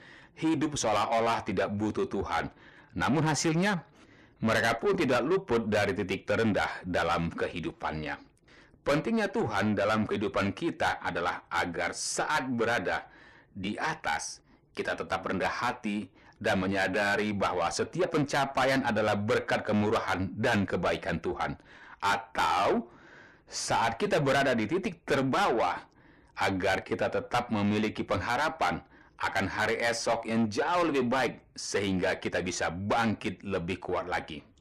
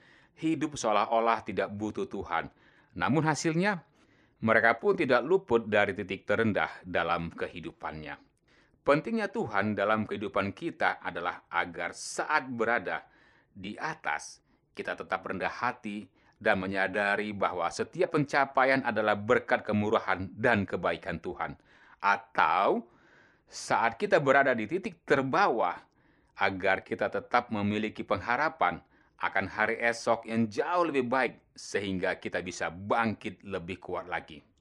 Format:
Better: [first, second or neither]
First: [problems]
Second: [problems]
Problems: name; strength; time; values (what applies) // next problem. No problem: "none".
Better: second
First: distortion; heavy; 6 dB below the speech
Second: none